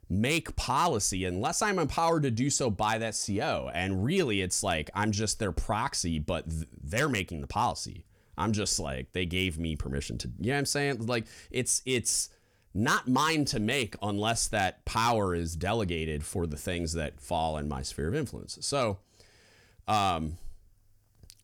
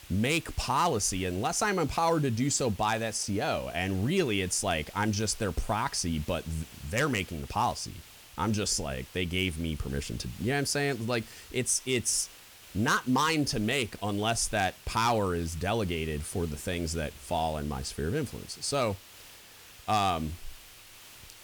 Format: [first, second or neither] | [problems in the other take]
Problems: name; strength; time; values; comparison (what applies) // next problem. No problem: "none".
first | hiss; noticeable; throughout; 20 dB below the speech